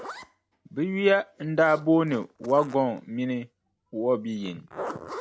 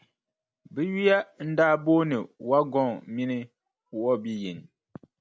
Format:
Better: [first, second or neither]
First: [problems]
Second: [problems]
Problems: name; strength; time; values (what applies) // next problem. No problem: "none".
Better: second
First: background sound (Zipper (clothing)); 17 dB below the speech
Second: none